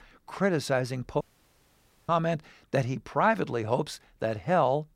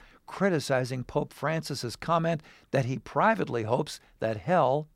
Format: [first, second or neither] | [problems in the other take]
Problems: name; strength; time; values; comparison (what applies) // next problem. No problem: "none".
second | audio cutting out; at 1 s for 1 s